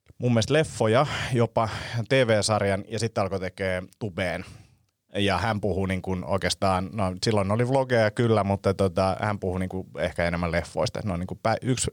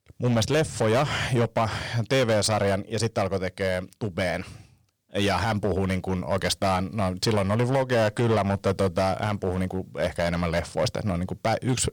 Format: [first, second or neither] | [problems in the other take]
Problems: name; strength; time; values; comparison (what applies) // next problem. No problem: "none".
first | distortion; slight; 9% of the sound clipped